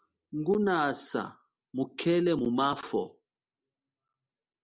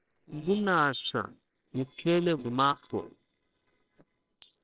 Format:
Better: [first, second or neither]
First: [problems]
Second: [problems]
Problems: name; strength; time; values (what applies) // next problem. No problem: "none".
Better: first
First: none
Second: noise reduction (neural separator model SepFormer WHAMR!)